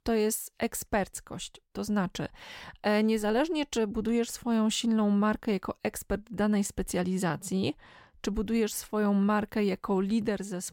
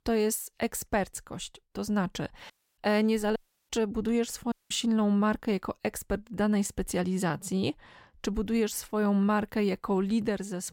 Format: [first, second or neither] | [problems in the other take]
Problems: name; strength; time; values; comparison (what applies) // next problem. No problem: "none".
first | audio cutting out; at 2.5 s, at 3.5 s and at 4.5 s